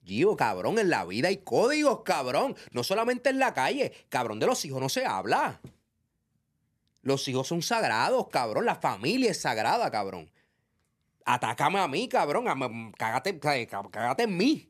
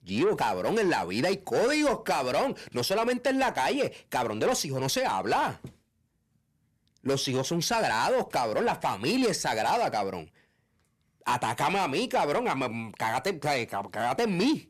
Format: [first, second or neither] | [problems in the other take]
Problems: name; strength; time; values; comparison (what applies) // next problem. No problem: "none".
first | distortion; slight; 10 dB below the speech